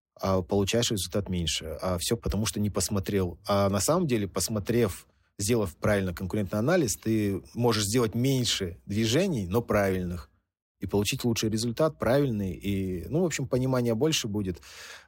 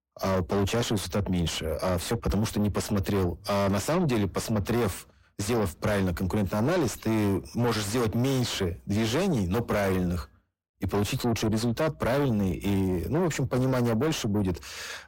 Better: first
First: none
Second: distortion; heavy; 5 dB below the speech

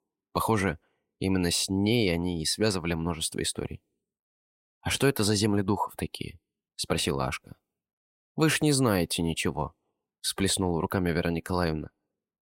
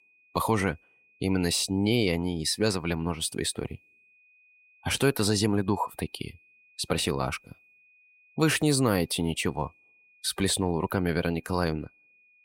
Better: first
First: none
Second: high-pitched whine; faint; throughout; 2.5 kHz, 30 dB below the speech

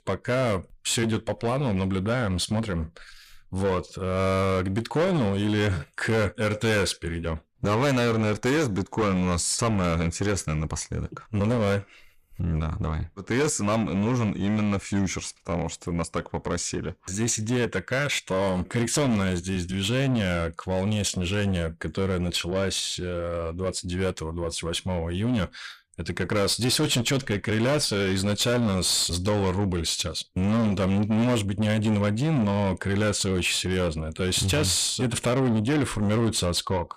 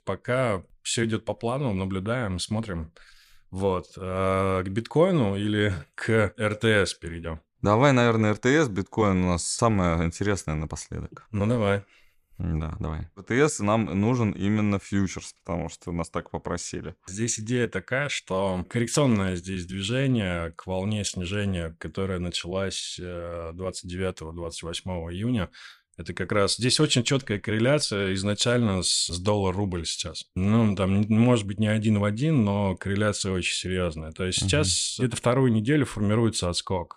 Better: second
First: distortion; heavy; 8 dB below the speech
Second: none

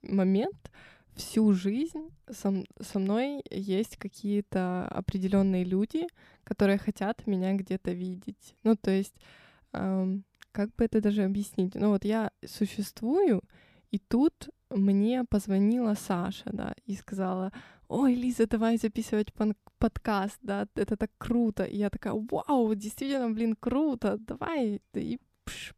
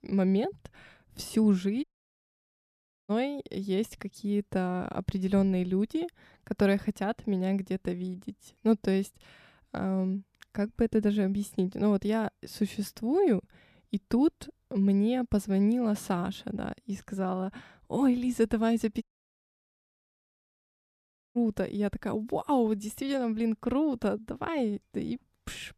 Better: first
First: none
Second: audio cutting out; at 2 s for 1 s and at 19 s for 2.5 s

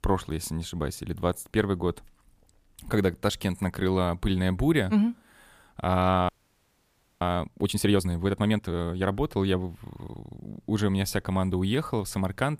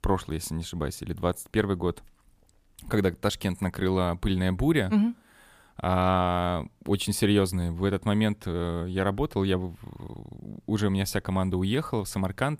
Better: second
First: audio freezing; at 6.5 s for 1 s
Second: none

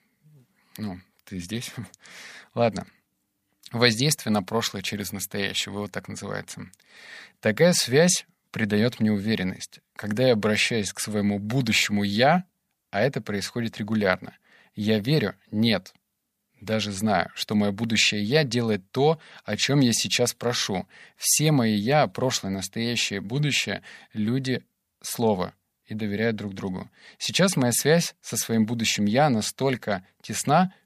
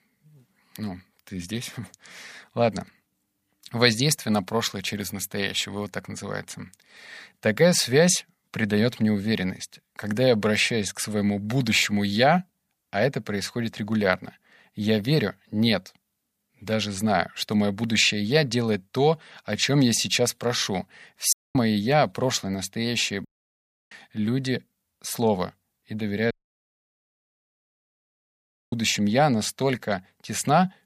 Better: first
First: none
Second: audio cutting out; at 21 s, at 23 s for 0.5 s and at 26 s for 2.5 s

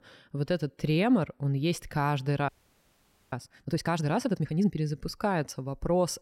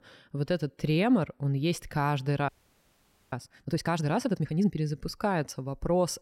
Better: neither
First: audio freezing; at 2.5 s for 1 s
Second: audio freezing; at 2.5 s for 1 s

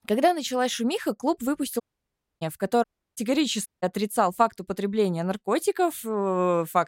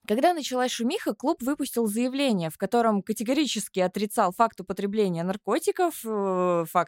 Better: second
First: audio cutting out; at 2 s for 0.5 s, at 3 s and at 3.5 s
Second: none

